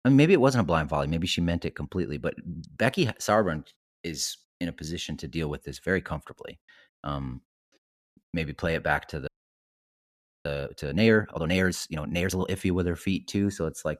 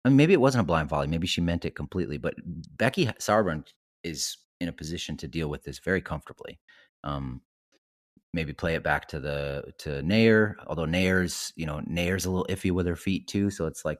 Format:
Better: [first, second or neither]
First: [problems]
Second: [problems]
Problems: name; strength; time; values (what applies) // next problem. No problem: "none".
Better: second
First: audio freezing; at 9.5 s for 1 s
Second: none